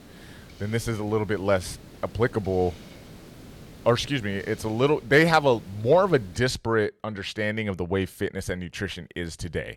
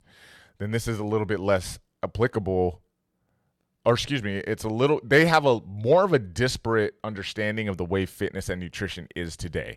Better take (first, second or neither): second